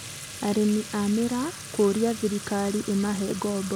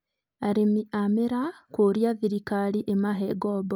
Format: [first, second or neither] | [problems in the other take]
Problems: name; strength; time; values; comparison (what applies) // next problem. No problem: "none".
second | background sound (Fill (with liquid) / Trickle, dribble / Sink (filling or washing)); 12 dB below the speech